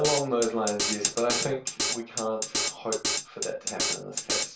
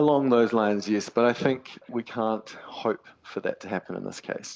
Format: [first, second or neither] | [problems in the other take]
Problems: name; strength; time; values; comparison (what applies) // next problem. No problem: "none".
second | background sound (Drum kit); as loud as the speech // room echo; dies away in 0.3 s